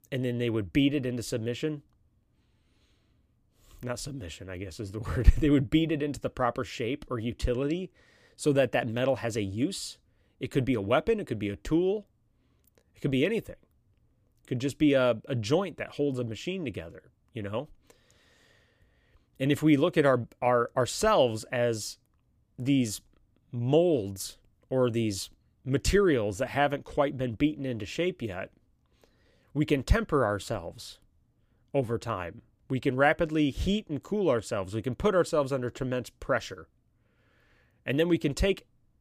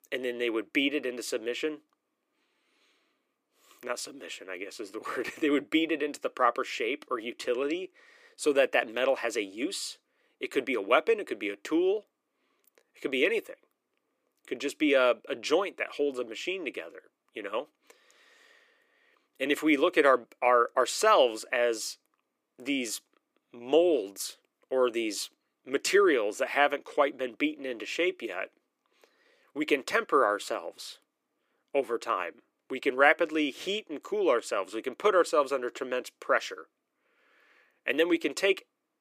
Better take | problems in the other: first | thin; somewhat; fading below 350 Hz

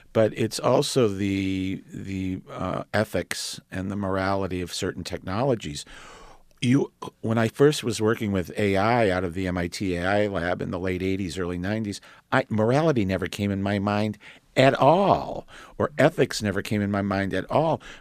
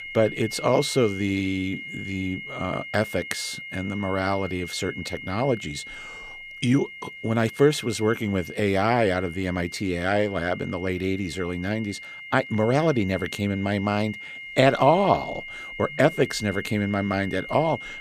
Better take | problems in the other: first | high-pitched whine; noticeable; throughout; 2 kHz, 10 dB below the speech

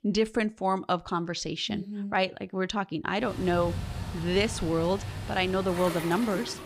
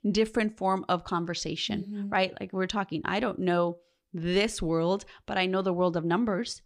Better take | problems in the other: second | rain or running water; loud; from 3 s on; 8 dB below the speech

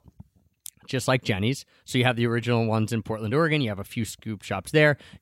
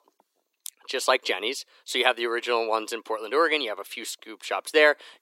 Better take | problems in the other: first | thin; very; fading below 350 Hz

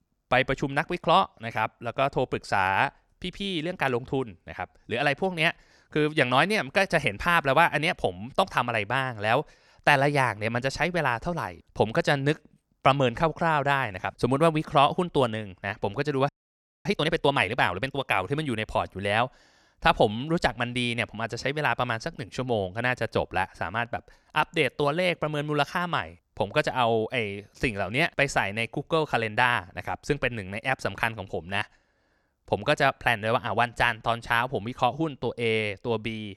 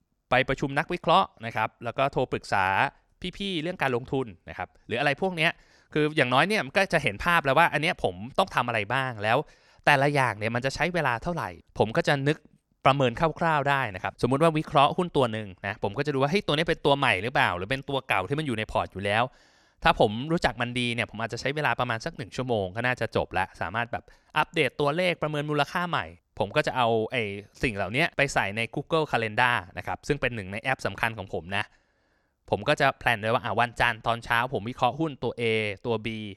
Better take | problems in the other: second | audio freezing; at 16 s for 0.5 s

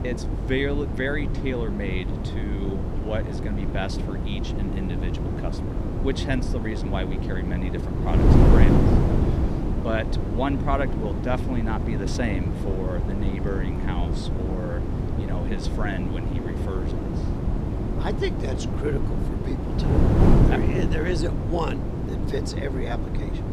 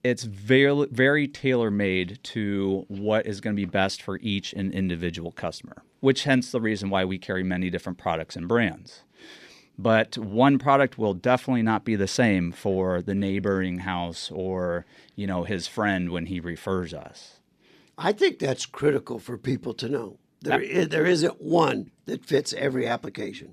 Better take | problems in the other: second | wind noise on the microphone; heavy; 1 dB below the speech

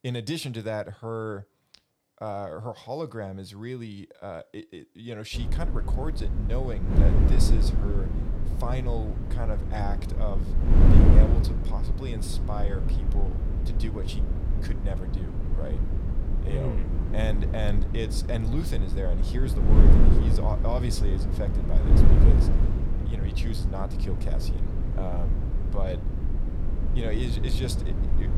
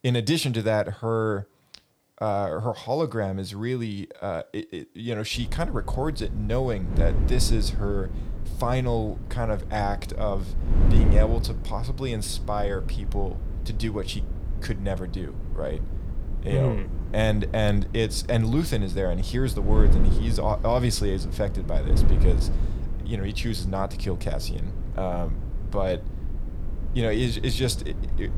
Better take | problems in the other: second | wind noise on the microphone; heavy; from 5.5 s on; 1 dB below the speech; occasional gusts in the second

